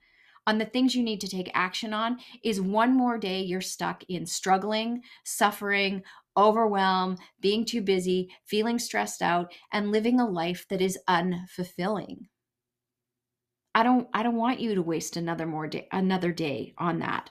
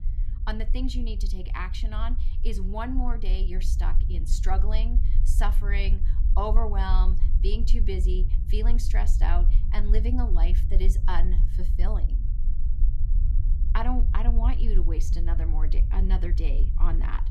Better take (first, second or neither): first